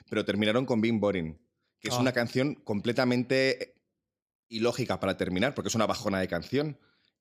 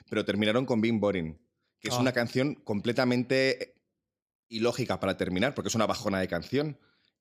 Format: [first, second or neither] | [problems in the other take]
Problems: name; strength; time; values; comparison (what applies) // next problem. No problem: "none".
neither | none